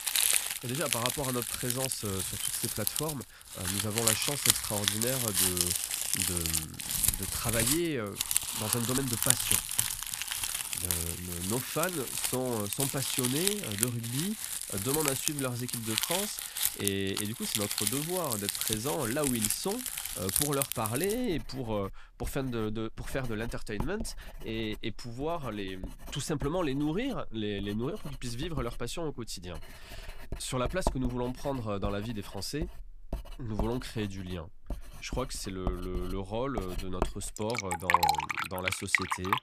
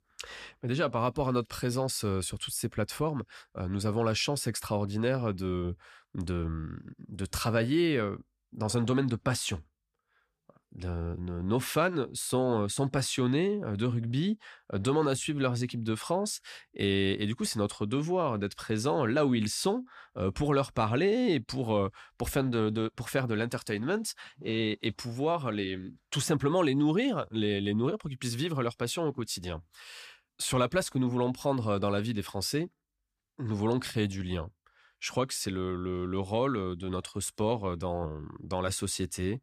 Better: second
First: household noises; very loud; throughout; 5 dB above the speech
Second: none

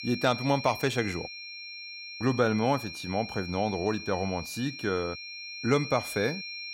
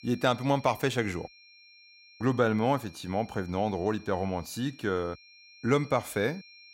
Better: second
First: high-pitched whine; loud; throughout; 2.5 kHz, 9 dB below the speech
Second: high-pitched whine; faint; throughout; 2.5 kHz, 25 dB below the speech

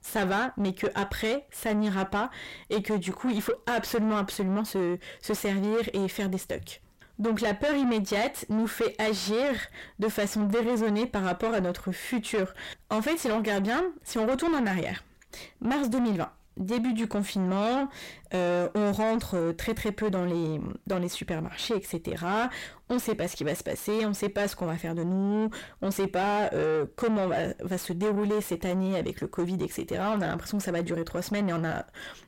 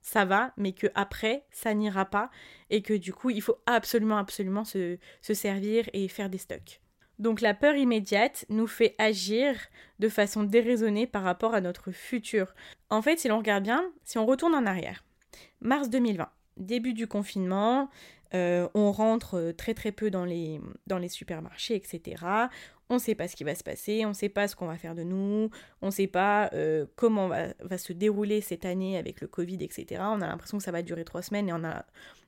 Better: second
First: distortion; heavy; 6 dB below the speech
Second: none

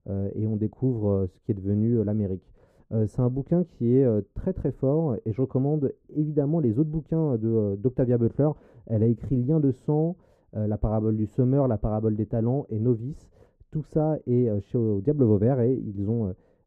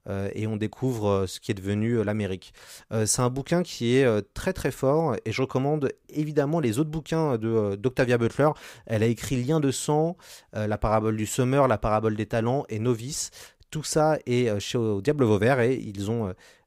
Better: second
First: muffled; very; fading above 1 kHz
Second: none

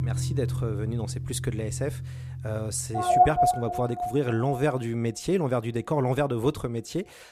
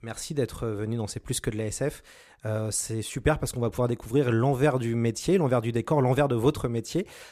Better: second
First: background music; very loud; throughout; as loud as the speech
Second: none

